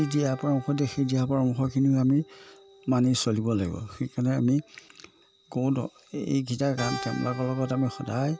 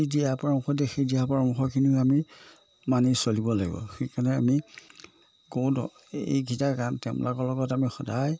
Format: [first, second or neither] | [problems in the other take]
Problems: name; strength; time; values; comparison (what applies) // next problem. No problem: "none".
second | background sound (Keyboard (musical)); 18 dB below the speech